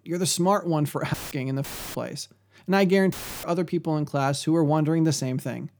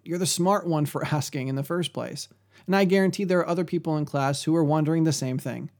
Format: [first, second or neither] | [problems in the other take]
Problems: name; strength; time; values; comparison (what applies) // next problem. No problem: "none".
second | audio cutting out; filled with static; at 1 s, at 1.5 s and at 3 s